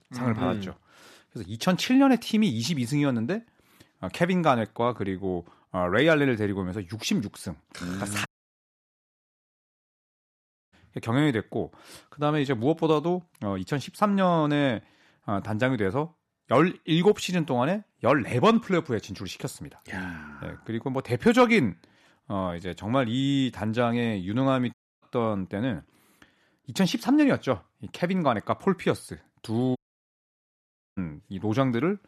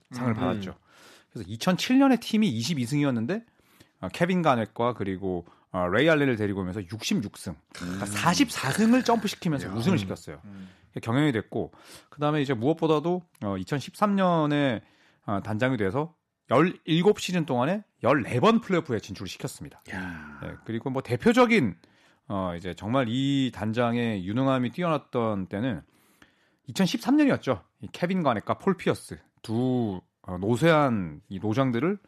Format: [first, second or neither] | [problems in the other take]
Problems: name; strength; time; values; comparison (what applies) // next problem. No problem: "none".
second | audio cutting out; at 8.5 s for 2.5 s, at 25 s and at 30 s for 1 s